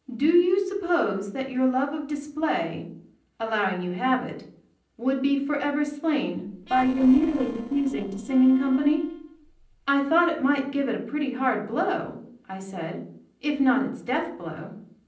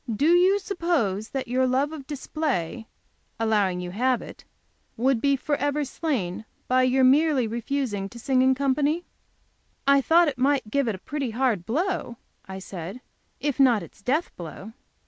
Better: second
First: noise reduction (neural separator model SepFormer DNS4)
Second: none

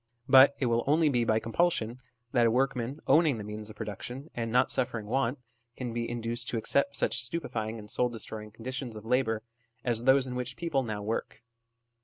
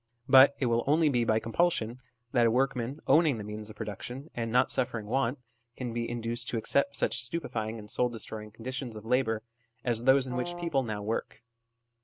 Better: first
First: none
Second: background sound (Brass instrument); 11 dB below the speech

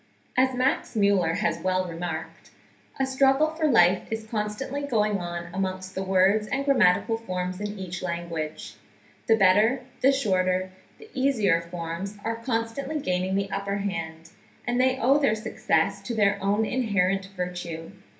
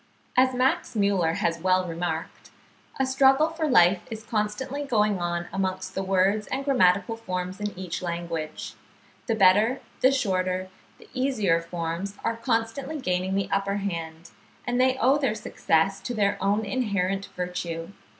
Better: second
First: room echo; dies away in 0.3 s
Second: none

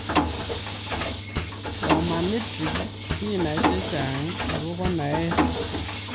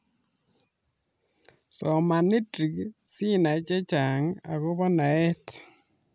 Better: second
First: background sound (Mechanisms); 3 dB above the speech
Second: none

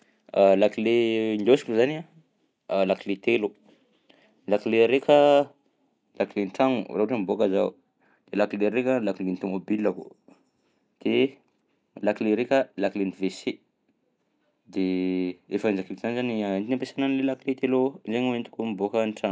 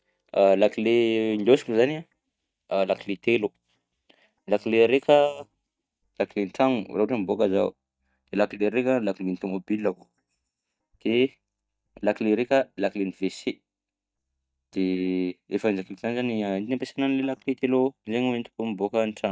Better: first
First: none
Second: noise reduction (neural mask model DeepFilterNet 3)

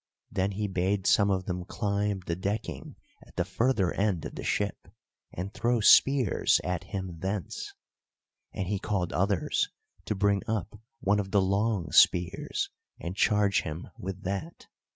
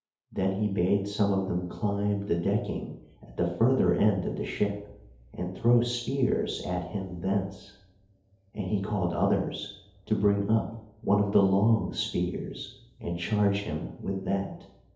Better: first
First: none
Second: room echo; dies away in 2.2 s

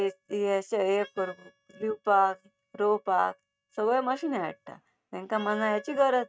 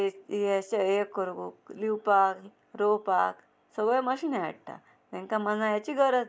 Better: second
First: noise reduction (neural mask model RNNoise)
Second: none

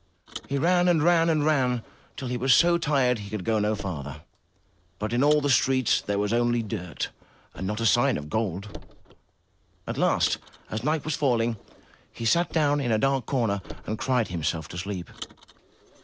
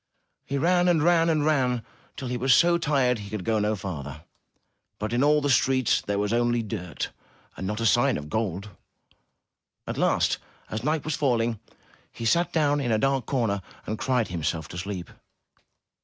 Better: second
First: background sound (Car); 20 dB below the speech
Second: none

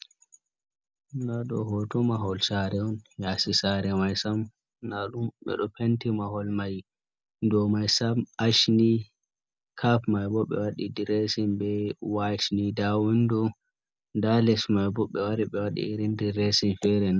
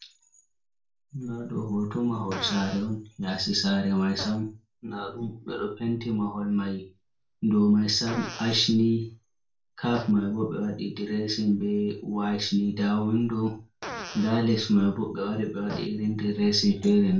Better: first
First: none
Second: background sound (Fart); 19 dB below the speech // room echo; dies away in 0.3 s

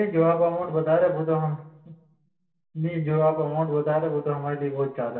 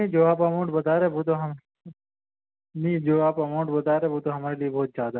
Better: second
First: room echo; dies away in 0.8 s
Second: none

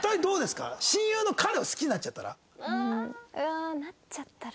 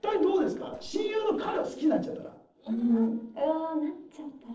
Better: first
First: none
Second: noise reduction (neural separator model SepFormer DNS4)

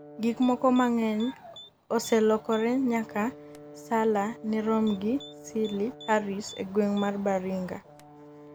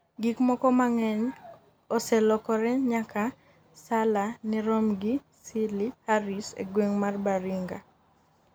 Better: second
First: background sound (Brass instrument + Typing); 19 dB below the speech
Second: none

